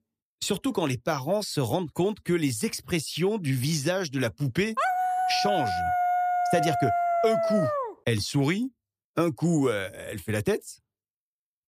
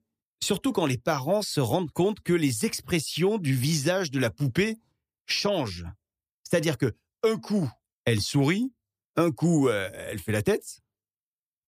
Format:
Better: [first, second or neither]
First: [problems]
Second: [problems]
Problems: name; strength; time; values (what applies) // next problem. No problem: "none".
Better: second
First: dog barking; loud; from 5 to 8 s; peak 3 dB above the speech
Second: none